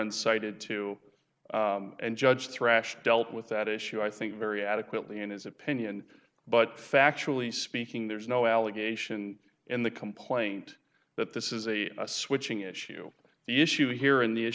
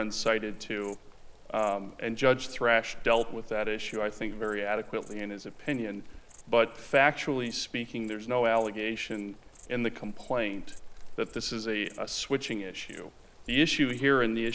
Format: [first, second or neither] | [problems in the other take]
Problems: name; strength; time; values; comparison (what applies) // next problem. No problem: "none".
first | background sound (Insect); 12 dB below the speech